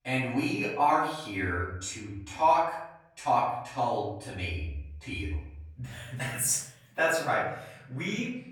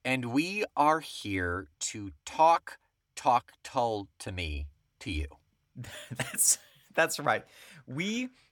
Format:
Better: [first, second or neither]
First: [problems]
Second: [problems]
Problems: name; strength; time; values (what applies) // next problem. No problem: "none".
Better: second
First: off-mic speech; far // room echo; noticeable; dies away in 0.8 s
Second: none